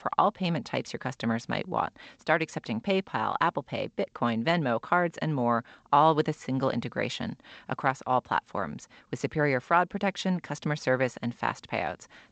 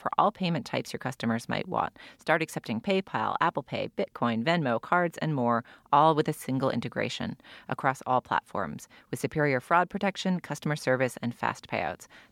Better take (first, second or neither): second